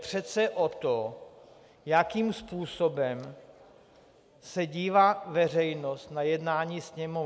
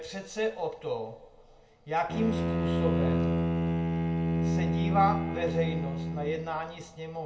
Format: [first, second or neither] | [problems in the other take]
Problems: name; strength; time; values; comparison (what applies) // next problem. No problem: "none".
first | background sound (Bowed string instrument); 3 dB above the speech // room echo; dies away in 0.3 s